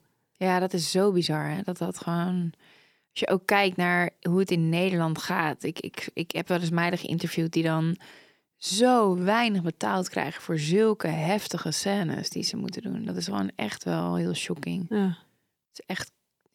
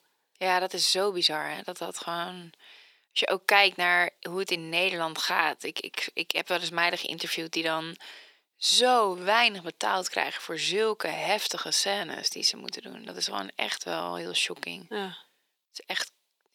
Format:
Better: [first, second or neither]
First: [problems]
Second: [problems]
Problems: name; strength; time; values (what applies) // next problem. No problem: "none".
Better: first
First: none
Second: thin; very; fading below 550 Hz